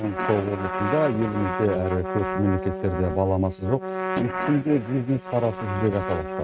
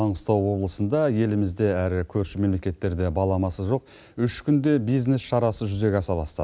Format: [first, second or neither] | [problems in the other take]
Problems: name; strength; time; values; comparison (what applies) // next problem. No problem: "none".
second | noise reduction (neural mask model RNNoise)